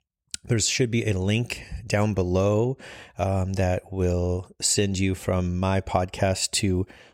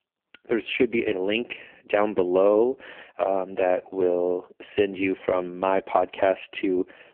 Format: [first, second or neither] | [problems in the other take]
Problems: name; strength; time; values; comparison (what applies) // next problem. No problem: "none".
first | phone-call audio; poor line